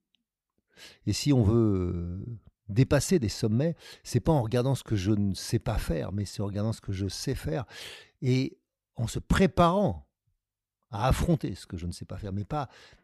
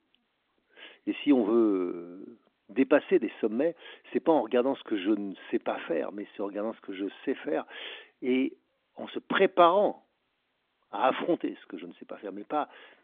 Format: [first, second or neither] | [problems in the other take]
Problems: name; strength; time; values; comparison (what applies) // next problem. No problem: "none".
first | phone-call audio; nothing above 3.5 kHz